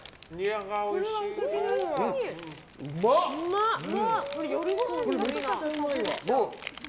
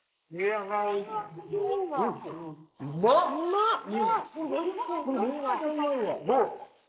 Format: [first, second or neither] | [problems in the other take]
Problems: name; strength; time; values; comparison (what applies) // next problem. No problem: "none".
first | noise reduction (neural mask model Resemble Enhance denoiser)